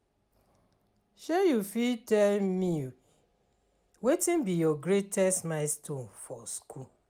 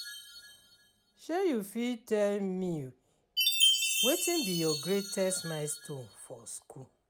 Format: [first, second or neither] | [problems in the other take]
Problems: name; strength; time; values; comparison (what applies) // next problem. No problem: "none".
first | background sound (Chime); 1 dB below the speech